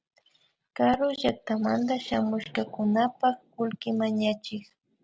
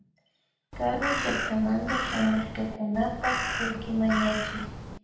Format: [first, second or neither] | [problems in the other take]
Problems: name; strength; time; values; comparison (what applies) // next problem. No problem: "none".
first | background sound (Crow); 3 dB below the speech // room echo; dies away in 0.8 s